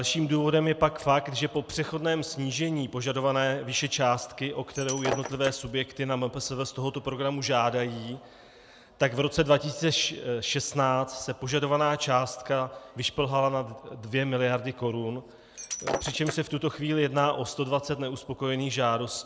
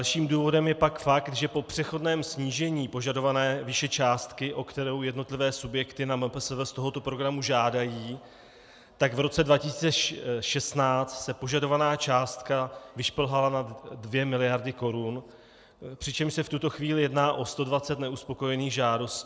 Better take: second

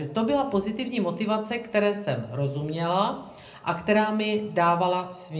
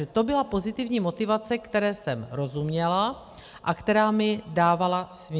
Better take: second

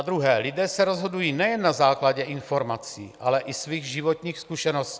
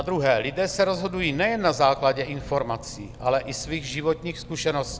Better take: first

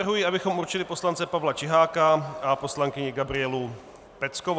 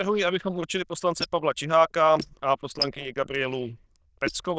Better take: first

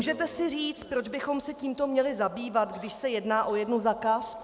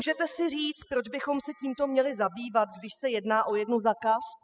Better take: first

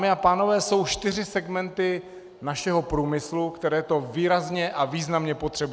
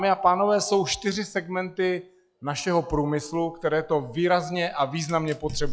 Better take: first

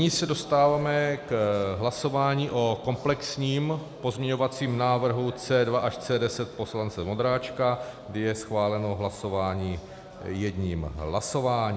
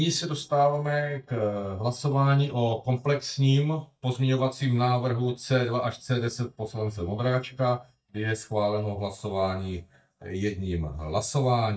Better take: first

